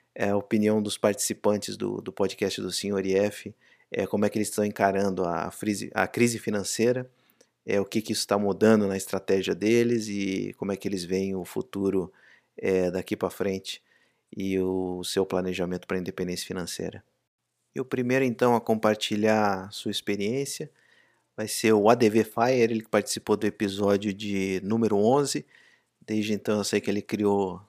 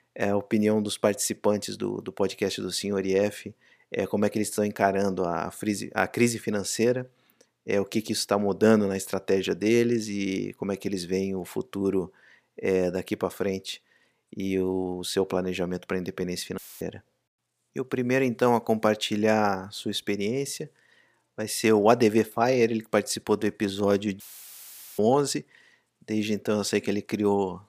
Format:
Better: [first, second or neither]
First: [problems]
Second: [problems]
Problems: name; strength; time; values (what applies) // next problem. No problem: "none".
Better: first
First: none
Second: audio cutting out; filled with static; at 17 s and at 24 s for 1 s